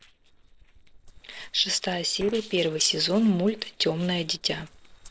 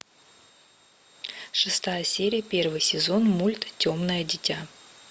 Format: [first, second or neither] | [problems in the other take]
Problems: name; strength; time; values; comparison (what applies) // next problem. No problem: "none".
second | noise reduction (neural separator model SepFormer DNS4)